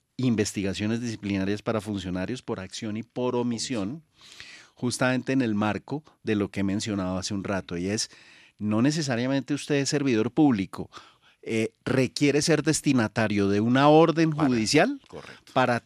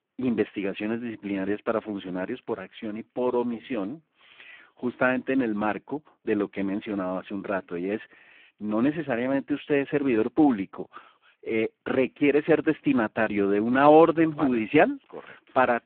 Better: first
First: none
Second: phone-call audio; poor line

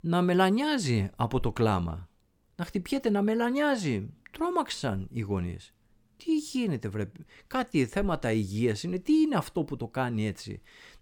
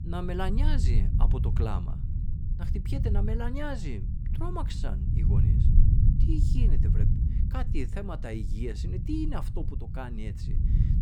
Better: first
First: none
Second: low rumble; loud; throughout; 4 dB below the speech

